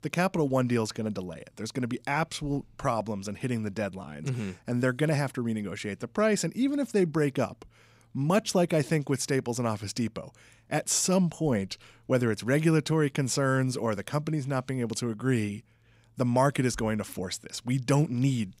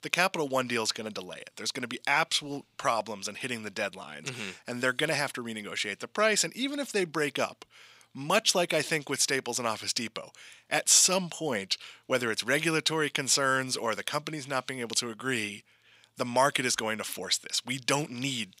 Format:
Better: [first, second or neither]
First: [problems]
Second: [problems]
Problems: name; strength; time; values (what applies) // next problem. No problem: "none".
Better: first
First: none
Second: thin; somewhat; fading below 1 kHz